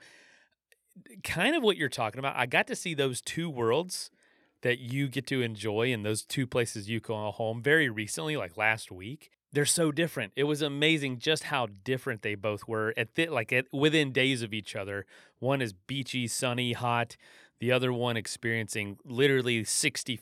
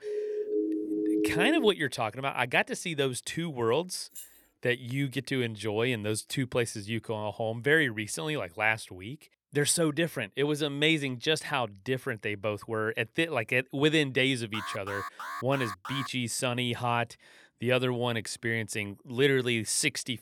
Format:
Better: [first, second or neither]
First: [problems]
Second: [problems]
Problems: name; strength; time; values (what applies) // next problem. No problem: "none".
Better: first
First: none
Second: siren; loud; until 1.5 s; peak 1 dB above the speech // jangling keys; faint; at 4 s; peak 15 dB below the speech // alarm; noticeable; from 15 to 16 s; peak 9 dB below the speech